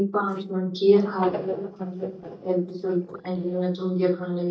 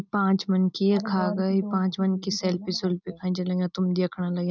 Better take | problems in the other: second | noise reduction (neural mask model DeepFilterNet 3)

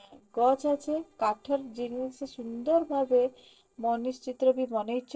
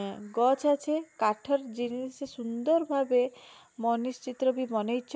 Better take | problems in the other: second | noise reduction (neural separator model SepFormer DNS4)

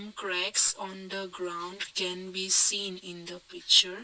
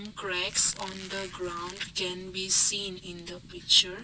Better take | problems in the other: first | background sound (Squeak + Fire); 17 dB below the speech

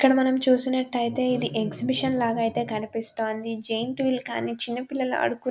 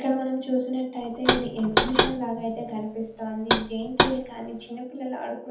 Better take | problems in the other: first | background sound (Knock); 2 dB above the speech // room echo; dies away in 0.6 s

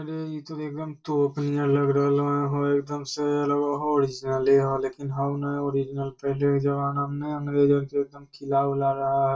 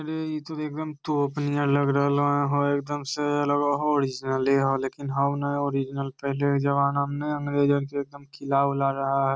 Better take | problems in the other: second | room echo; dies away in 0.1 s

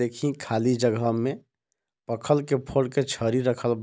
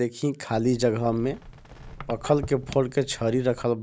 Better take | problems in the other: first | background sound (Squeak); 16 dB below the speech

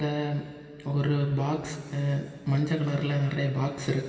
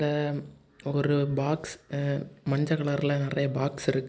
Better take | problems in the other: second | room echo; dies away in 2.5 s

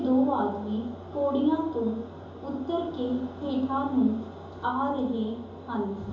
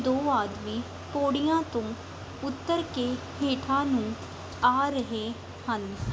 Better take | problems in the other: second | room echo; dies away in 2.8 s

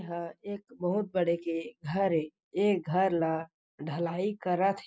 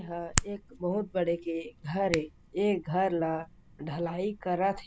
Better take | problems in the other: first | background sound (Hands); 9 dB below the speech

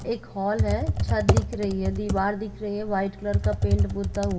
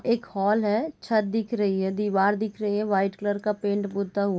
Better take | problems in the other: second | background sound (Computer keyboard); 2 dB above the speech // room echo; dies away in 2.7 s

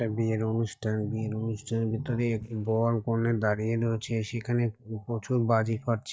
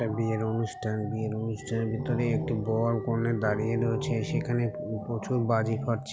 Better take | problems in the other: second | noise reduction (neural mask model DeepFilterNet 3)

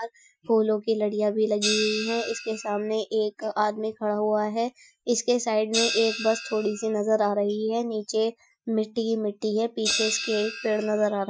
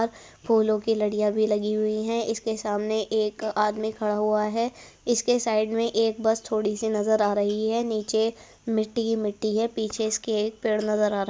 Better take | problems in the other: second | noise reduction (classical method Wiener filter)

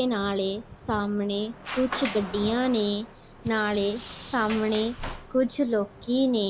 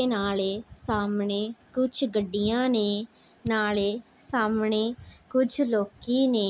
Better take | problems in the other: second | background sound (Sliding door); 13 dB below the speech

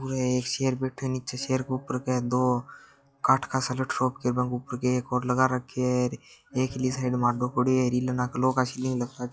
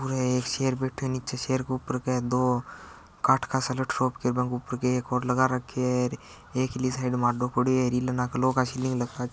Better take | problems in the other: second | noise reduction (classical method log-MMSE)

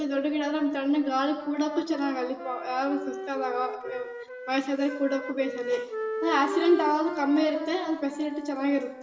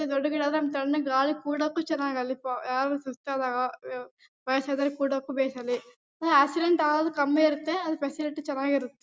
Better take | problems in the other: second | background sound (Wind instrument, woodwind instrument); 10 dB below the speech // room echo; dies away in 1.6 s

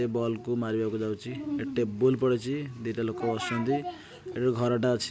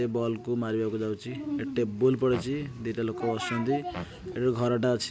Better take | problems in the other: first | background sound (Fart); 14 dB below the speech

